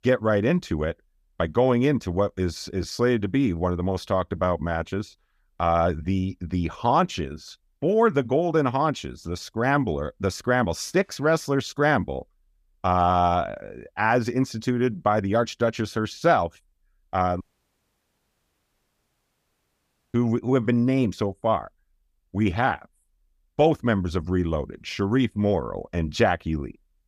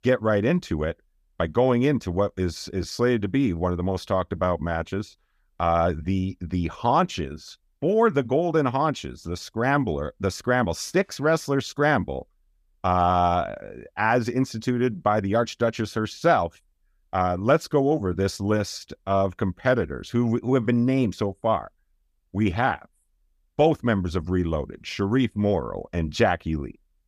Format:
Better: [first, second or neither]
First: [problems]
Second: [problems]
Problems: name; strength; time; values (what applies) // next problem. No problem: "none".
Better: second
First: audio cutting out; at 17 s for 2.5 s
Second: none